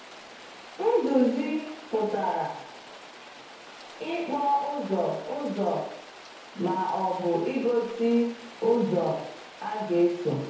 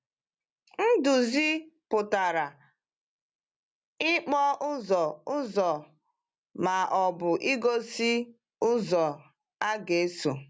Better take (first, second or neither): second